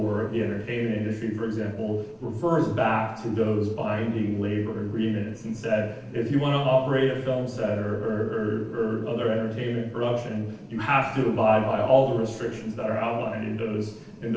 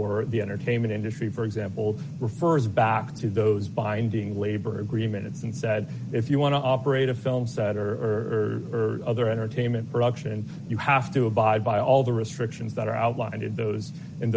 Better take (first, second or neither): second